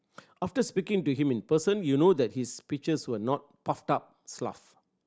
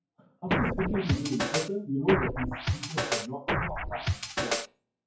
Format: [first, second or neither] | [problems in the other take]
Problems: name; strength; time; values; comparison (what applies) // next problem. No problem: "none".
first | noise reduction (classical method WPE with log-MMSE)